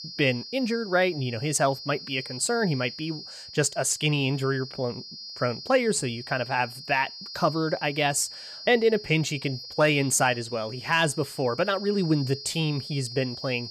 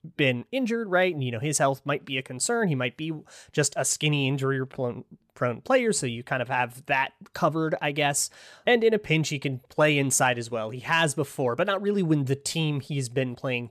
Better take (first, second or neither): second